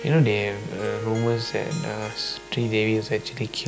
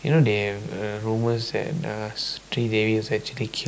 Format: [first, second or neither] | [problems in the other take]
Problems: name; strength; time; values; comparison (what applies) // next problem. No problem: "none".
second | background sound (Harp); 13 dB below the speech